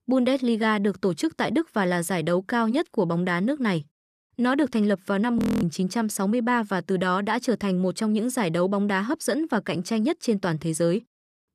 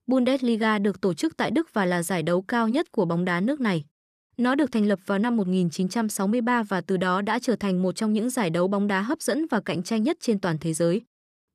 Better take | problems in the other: second | audio freezing; at 5.5 s

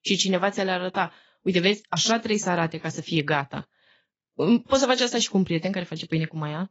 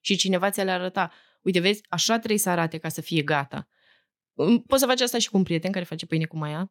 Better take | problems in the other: second | garbled, watery; badly; nothing above 7.5 kHz

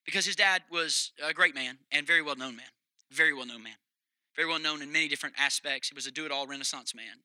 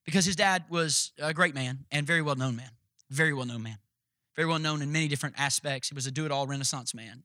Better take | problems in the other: second | thin; somewhat; fading below 250 Hz

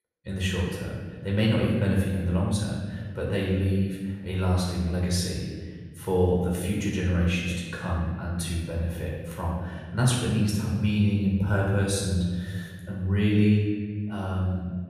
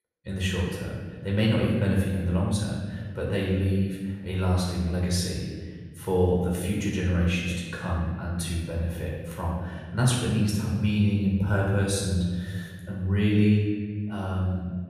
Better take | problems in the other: neither | off-mic speech; far; the same in both // room echo; noticeable; dies away in 1.5 s; the same in both

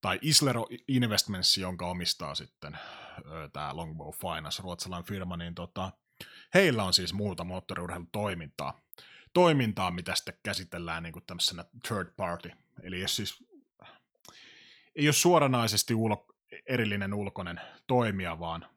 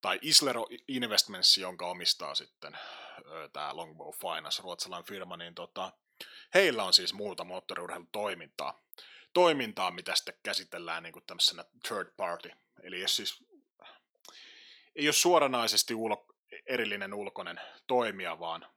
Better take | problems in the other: first | thin; somewhat; fading below 400 Hz

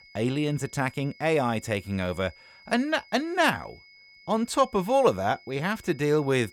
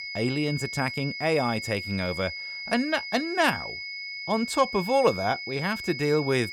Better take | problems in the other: first | high-pitched whine; loud; throughout; 2 kHz, 7 dB below the speech; faint in the first

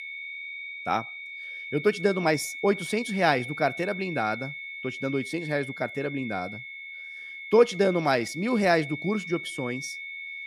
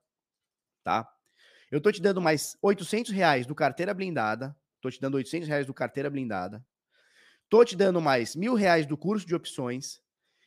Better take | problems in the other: second | high-pitched whine; loud; throughout; 2 kHz, 9 dB below the speech

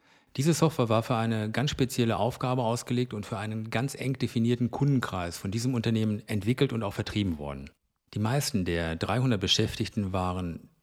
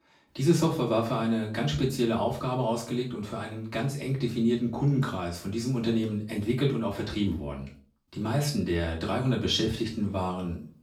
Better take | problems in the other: first | off-mic speech; far // room echo; slight; dies away in 0.3 s

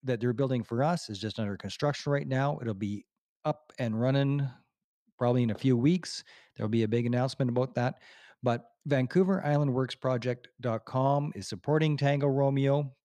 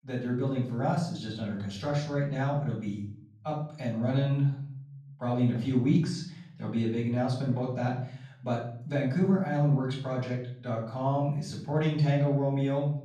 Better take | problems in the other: first | off-mic speech; far // room echo; noticeable; dies away in 0.6 s

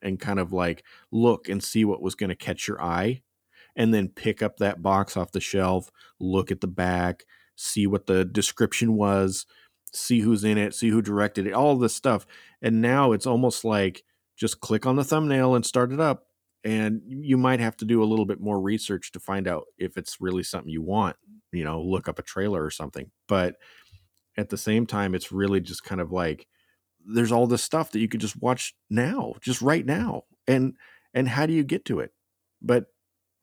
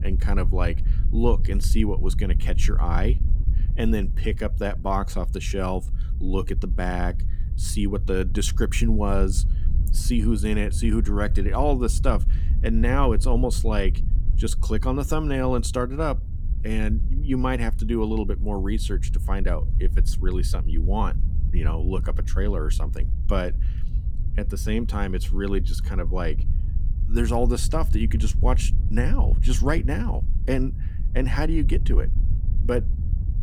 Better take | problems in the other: first | wind noise on the microphone; occasional gusts; 15 dB below the speech

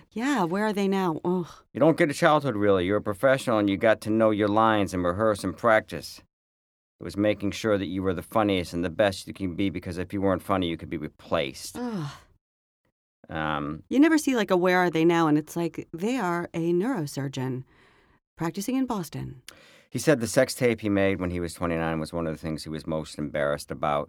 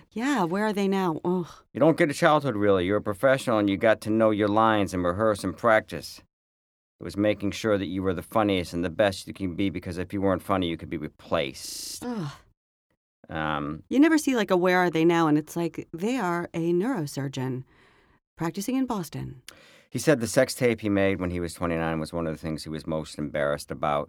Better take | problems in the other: first | audio freezing; at 12 s

